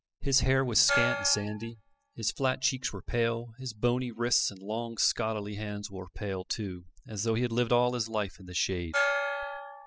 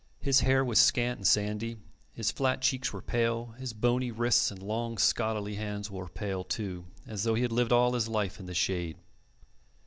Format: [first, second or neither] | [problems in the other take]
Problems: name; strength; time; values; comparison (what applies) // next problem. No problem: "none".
second | noise reduction (classical method spectral subtraction)